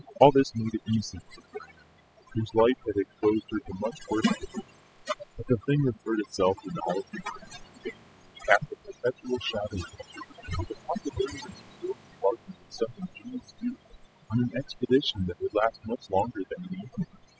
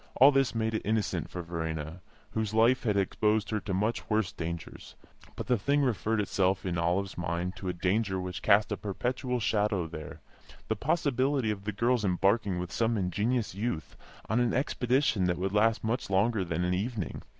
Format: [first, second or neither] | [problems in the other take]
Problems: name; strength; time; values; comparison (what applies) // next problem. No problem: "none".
second | noise reduction (classical method spectral subtraction)